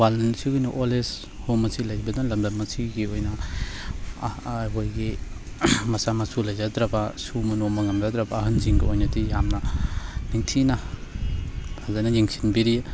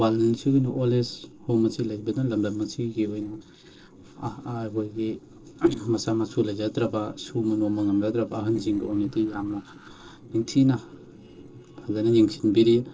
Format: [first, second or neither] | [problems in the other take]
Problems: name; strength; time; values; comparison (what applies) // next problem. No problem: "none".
first | noise reduction (neural separator model SepFormer DNS4)